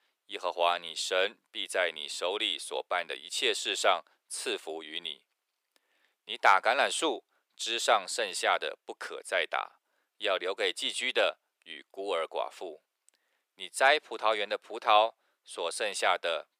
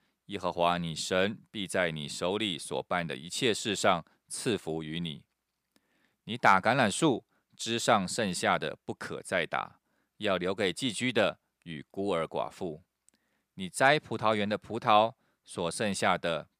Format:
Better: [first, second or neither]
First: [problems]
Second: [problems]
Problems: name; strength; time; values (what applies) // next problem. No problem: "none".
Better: second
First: thin; very; fading below 400 Hz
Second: none